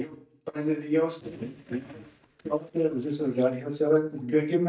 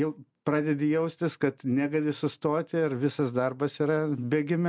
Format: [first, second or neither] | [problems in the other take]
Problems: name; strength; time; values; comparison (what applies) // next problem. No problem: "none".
second | noise reduction (neural mask model DeepFilterNet 3)